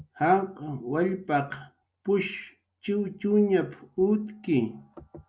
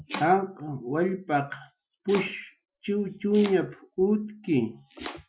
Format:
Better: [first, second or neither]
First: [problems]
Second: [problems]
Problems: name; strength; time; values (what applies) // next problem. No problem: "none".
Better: first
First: none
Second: noise reduction (classical method Wiener filter)